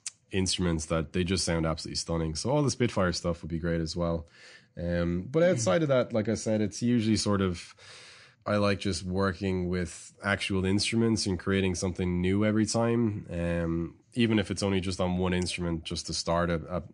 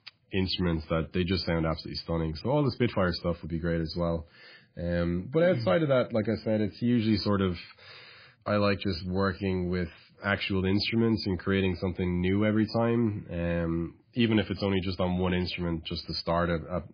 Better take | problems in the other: first | garbled, watery; badly; nothing above 5 kHz; slightly in the first

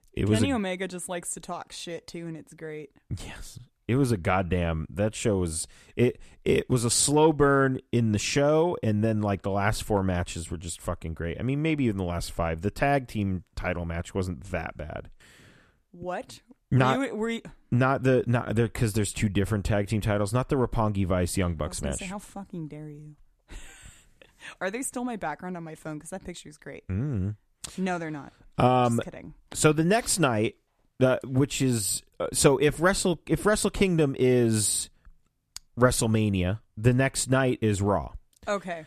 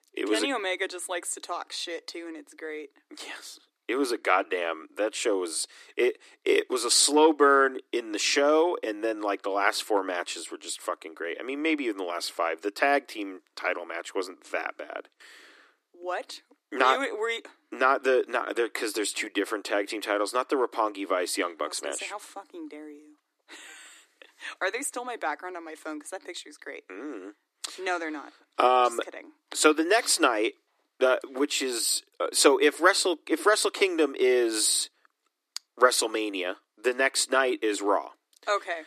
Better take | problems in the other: first | thin; very; fading below 300 Hz

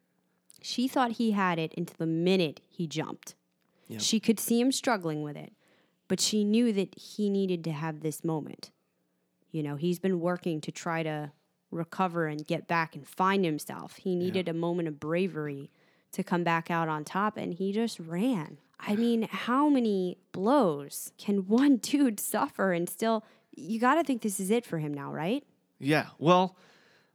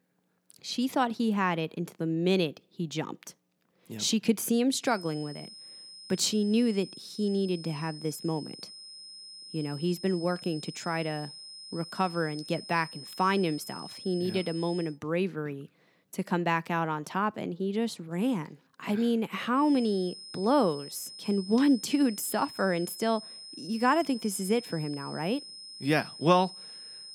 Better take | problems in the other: first | high-pitched whine; noticeable; from 5 to 15 s and from 20 s on; 5 kHz, 15 dB below the speech

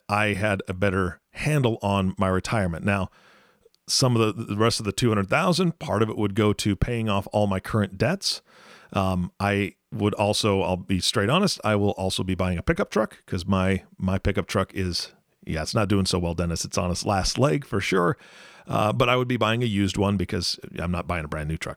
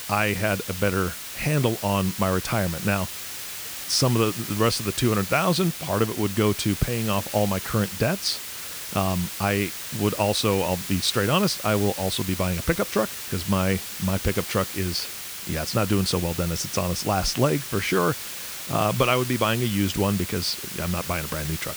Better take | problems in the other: first | hiss; loud; throughout; 7 dB below the speech

